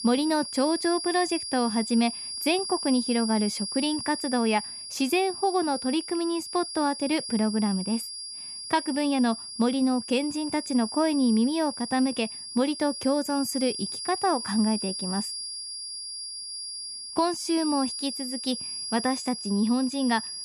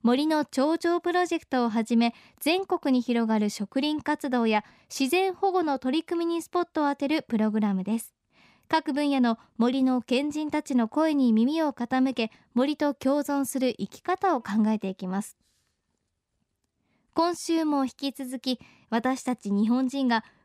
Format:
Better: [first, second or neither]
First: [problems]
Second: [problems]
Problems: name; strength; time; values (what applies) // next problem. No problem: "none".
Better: second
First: high-pitched whine; loud; throughout; 5 kHz, 6 dB below the speech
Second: none